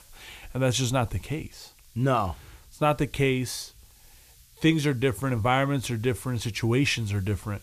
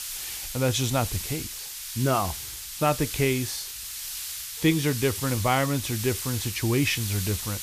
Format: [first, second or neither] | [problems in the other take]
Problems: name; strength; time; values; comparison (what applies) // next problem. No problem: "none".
first | hiss; loud; throughout; 6 dB below the speech; faint in the first